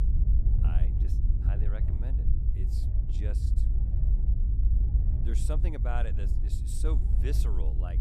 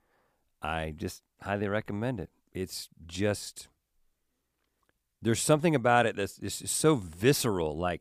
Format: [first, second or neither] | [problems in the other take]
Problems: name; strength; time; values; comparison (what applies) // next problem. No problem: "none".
second | low rumble; loud; throughout; 3 dB below the speech